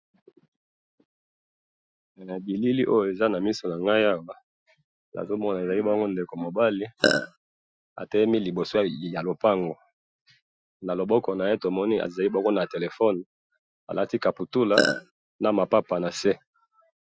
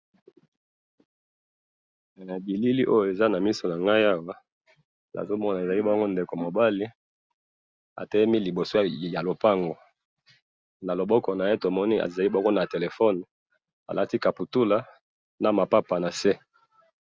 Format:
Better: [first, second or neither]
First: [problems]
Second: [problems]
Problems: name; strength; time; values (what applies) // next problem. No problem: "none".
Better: second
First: noise reduction (classical method Wiener filter)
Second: none